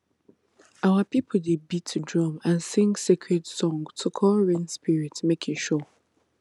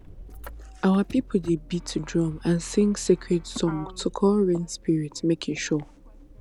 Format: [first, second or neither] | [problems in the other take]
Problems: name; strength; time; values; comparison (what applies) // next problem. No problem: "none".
first | background sound (Motor vehicle (road)); 17 dB below the speech